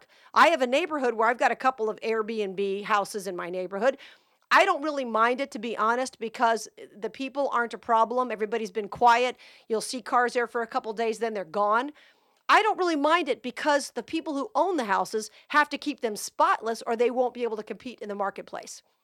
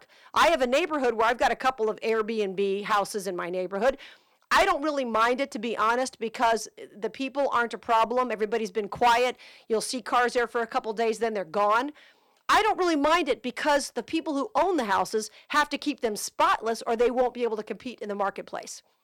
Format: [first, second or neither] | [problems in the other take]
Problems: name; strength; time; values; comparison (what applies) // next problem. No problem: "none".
first | distortion; slight; 4% of the sound clipped